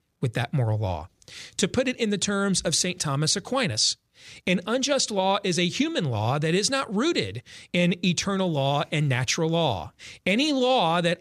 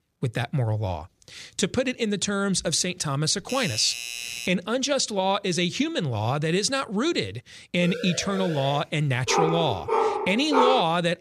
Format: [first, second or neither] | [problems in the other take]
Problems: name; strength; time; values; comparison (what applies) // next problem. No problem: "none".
first | doorbell; noticeable; from 3.5 to 4.5 s; peak 6 dB below the speech // siren; noticeable; at 8 s; peak 9 dB below the speech // dog barking; loud; from 9.5 s on; peak 3 dB above the speech